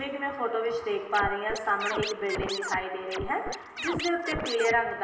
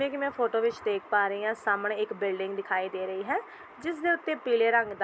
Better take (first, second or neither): second